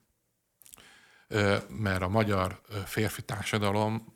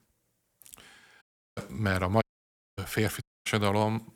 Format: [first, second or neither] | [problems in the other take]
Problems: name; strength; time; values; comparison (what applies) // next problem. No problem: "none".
first | audio cutting out; at 1 s, at 2 s for 0.5 s and at 3 s